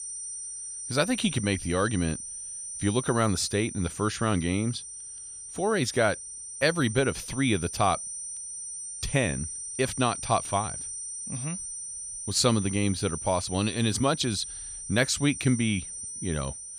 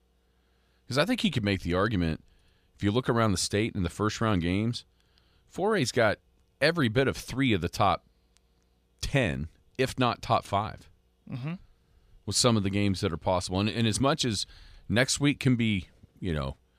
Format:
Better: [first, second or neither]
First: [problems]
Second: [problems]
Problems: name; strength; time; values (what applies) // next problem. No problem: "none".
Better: second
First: high-pitched whine; loud; throughout; 9 kHz, 8 dB below the speech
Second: none